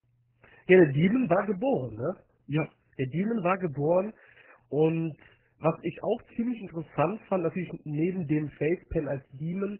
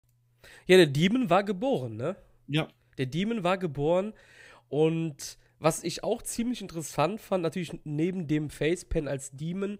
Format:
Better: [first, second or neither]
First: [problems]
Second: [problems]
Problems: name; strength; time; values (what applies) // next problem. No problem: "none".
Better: second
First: garbled, watery; badly; nothing above 3 kHz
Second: none